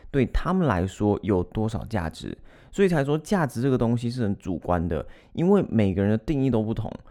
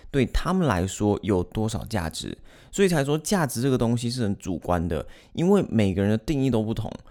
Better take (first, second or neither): second